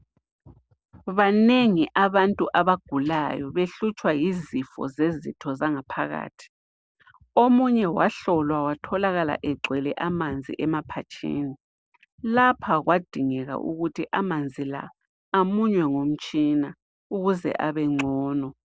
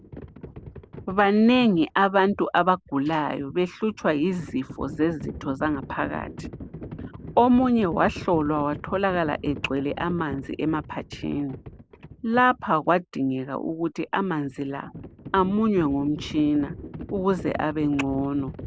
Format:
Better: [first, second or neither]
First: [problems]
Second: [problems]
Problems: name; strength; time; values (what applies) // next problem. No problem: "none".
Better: first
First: none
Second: background sound (Livestock, farm animals, working animals); 15 dB below the speech